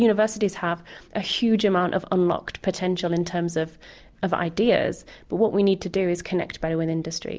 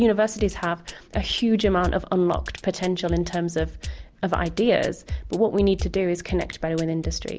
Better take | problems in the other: first | background sound (Drum kit); 10 dB below the speech

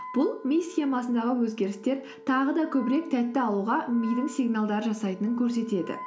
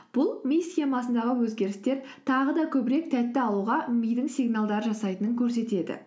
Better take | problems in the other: second | background sound (Wind instrument, woodwind instrument); 18 dB below the speech

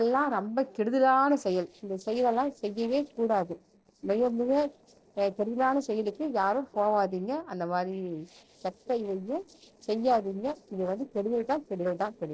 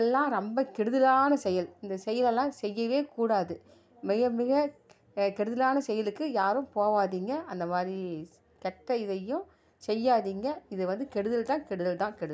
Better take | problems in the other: second | noise reduction (neural separator model SepFormer DNS4)

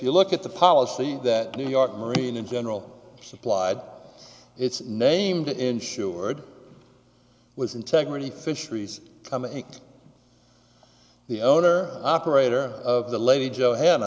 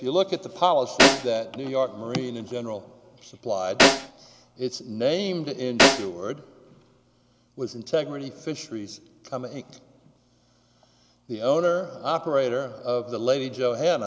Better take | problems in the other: first | background sound (Snare drum); 4 dB above the speech

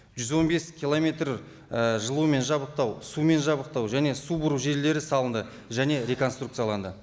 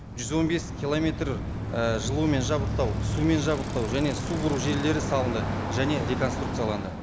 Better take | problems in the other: first | background sound (Bicycle); 2 dB below the speech

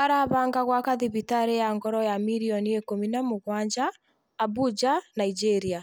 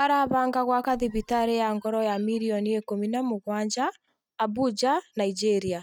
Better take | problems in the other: first | noise reduction (neural mask model RNNoise)

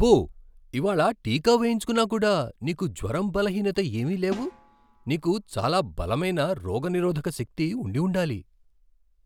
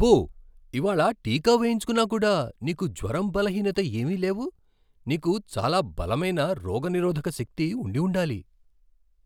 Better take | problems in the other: second | background sound (Snare drum); 20 dB below the speech

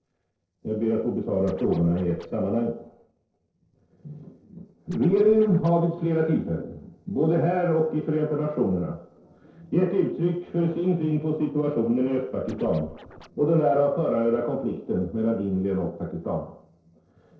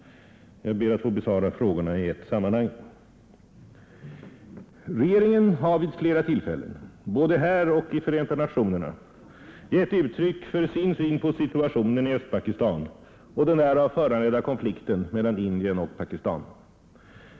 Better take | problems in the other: second | noise reduction (neural separator model SepFormer DNS4)

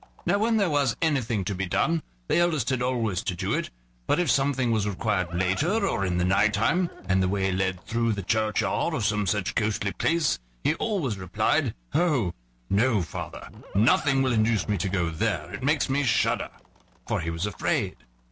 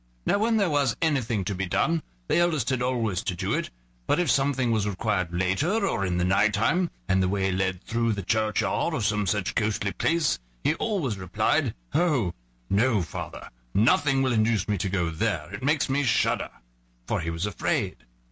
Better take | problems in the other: second | background sound (Livestock, farm animals, working animals); 19 dB below the speech

